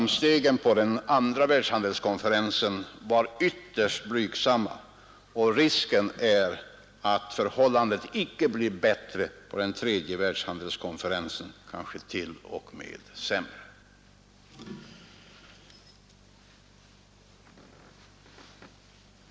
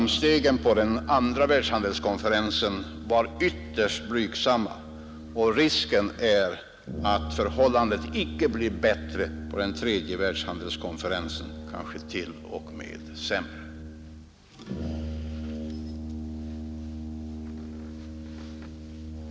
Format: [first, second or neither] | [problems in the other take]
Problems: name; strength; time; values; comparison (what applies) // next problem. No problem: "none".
first | background sound (Brass instrument); 9 dB below the speech